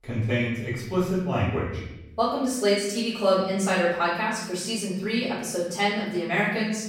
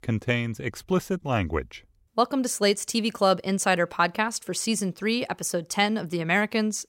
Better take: second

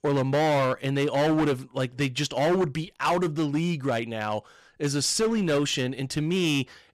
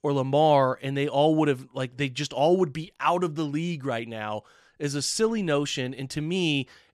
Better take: second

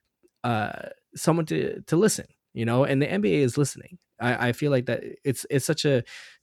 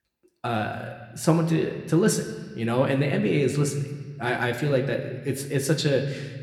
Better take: first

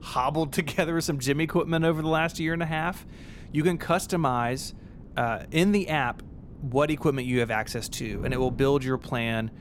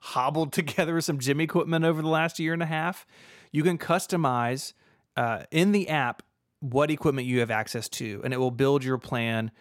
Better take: second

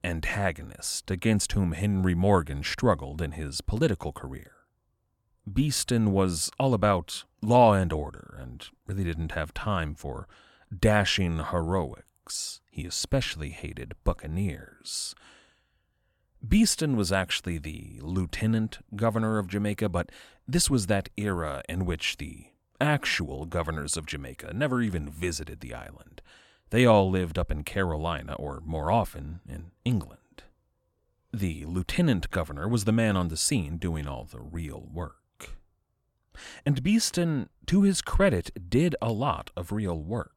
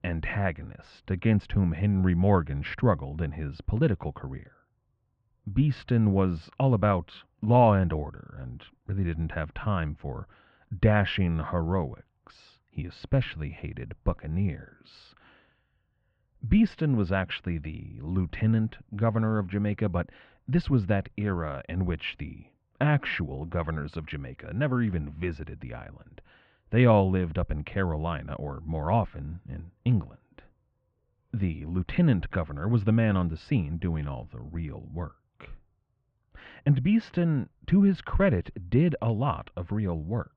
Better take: first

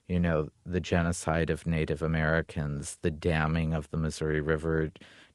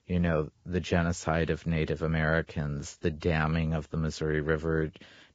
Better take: first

